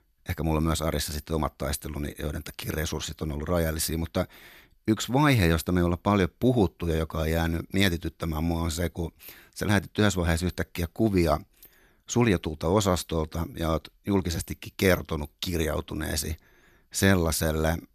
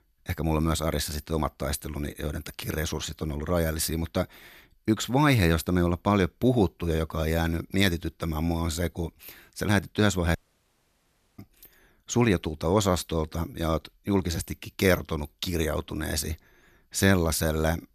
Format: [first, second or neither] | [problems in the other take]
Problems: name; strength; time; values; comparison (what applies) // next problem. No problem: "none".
first | audio cutting out; at 10 s for 1 s